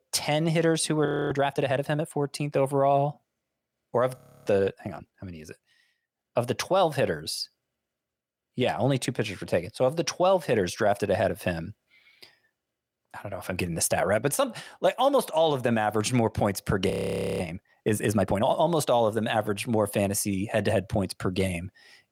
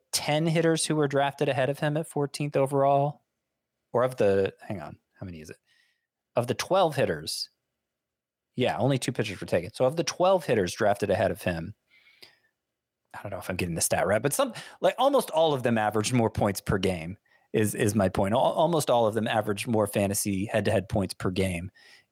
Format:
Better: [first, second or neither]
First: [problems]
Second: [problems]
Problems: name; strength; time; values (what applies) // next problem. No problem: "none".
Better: second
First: audio freezing; at 1 s, at 4 s and at 17 s for 0.5 s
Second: none